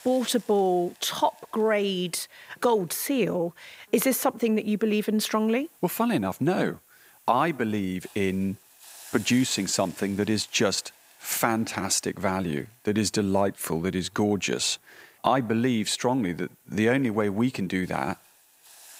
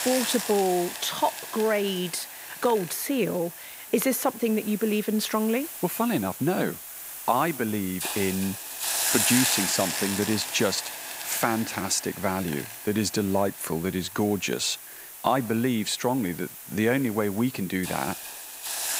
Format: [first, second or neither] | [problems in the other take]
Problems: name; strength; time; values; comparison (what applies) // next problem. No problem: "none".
first | hiss; loud; throughout; 5 dB below the speech; faint in the first